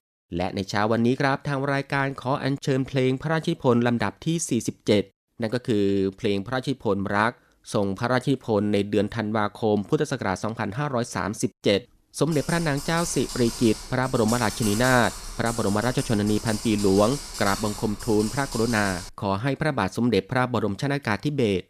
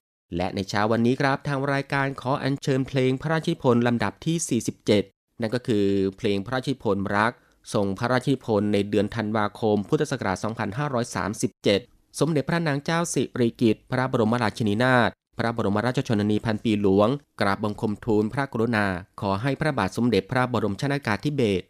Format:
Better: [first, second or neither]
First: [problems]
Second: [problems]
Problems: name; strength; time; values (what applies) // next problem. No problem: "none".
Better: second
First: keyboard typing; noticeable; from 12 to 19 s; peak 5 dB below the speech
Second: none